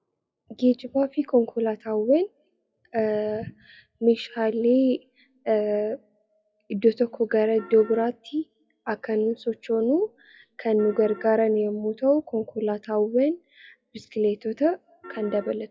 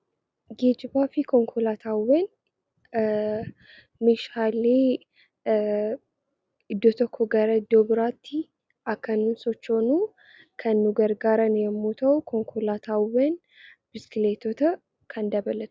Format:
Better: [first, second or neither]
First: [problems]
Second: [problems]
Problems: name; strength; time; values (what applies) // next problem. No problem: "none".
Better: second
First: noise reduction (classical method WPE with log-MMSE)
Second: none